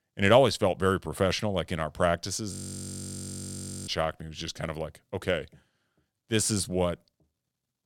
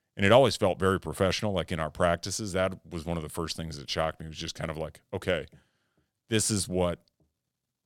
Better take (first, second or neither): second